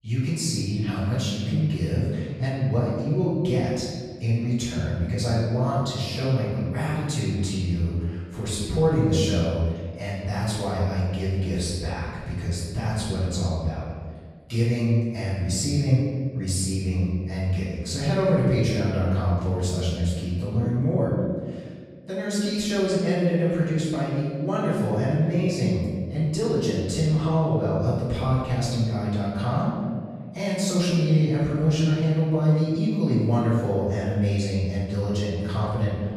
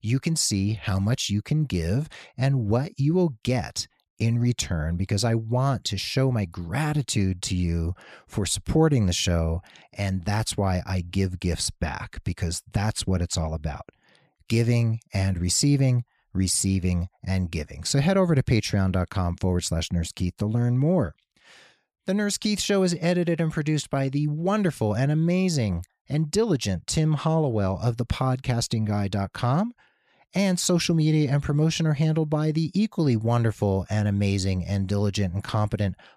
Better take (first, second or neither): second